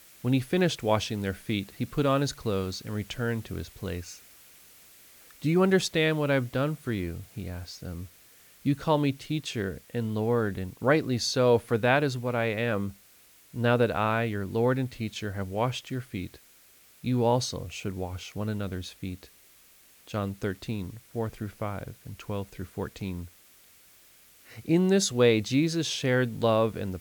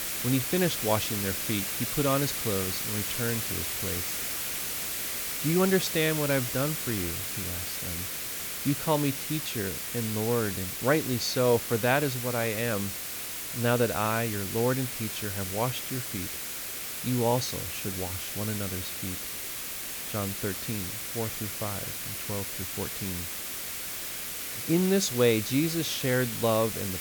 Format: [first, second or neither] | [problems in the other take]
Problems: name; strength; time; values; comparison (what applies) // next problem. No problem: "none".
first | hiss; loud; throughout; 2 dB below the speech; faint in the first